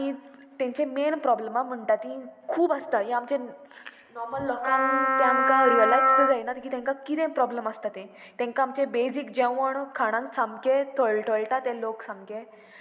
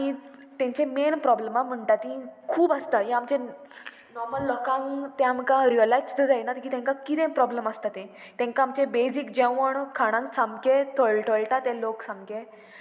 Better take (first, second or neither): second